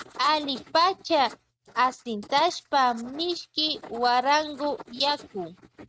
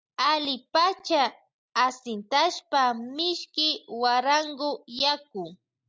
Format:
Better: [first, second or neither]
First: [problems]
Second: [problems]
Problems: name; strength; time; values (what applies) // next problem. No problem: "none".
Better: second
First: noise reduction (neural mask model RNNoise)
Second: none